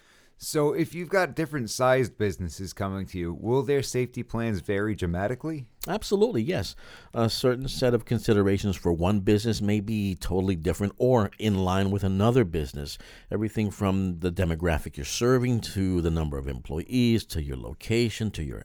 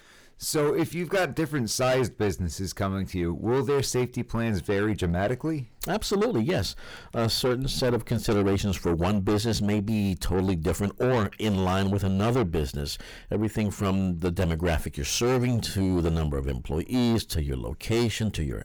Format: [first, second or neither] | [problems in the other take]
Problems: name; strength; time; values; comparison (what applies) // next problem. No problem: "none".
first | distortion; heavy; 7 dB below the speech